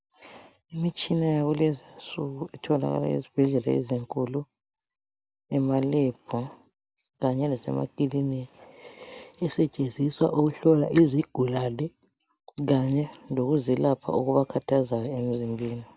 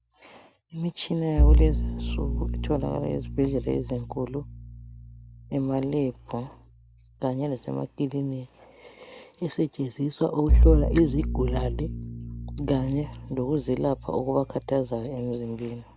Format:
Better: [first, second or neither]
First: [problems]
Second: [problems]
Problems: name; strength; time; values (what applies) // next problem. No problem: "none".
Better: first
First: none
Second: background sound (Bowed string instrument); as loud as the speech